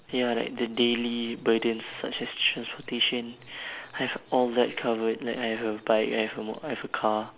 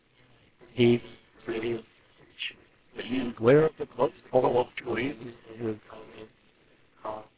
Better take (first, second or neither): first